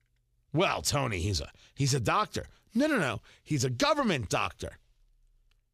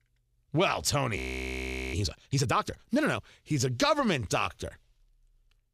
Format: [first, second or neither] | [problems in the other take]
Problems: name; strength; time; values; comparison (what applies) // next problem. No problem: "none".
first | audio freezing; at 1 s for 1 s